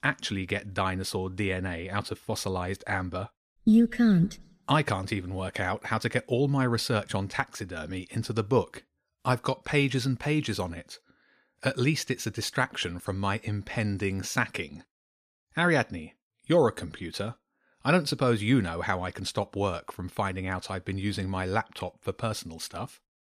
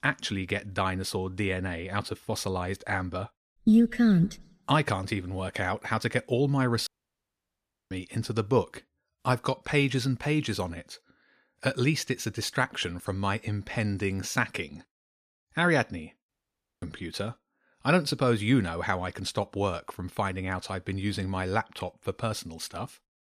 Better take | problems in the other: first | audio cutting out; at 7 s for 1 s and at 16 s for 0.5 s

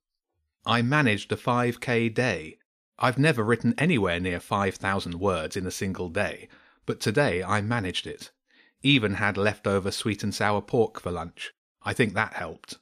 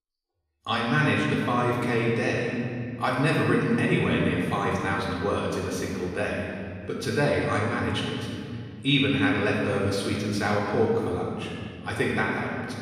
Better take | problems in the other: first | off-mic speech; far // room echo; noticeable; dies away in 2.6 s

